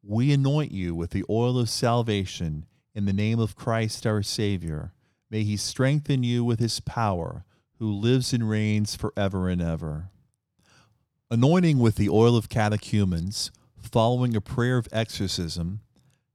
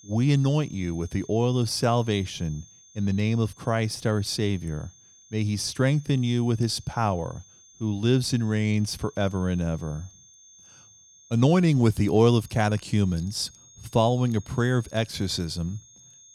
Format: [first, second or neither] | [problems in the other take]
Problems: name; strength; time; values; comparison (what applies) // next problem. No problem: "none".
first | high-pitched whine; faint; throughout; 6.5 kHz, 25 dB below the speech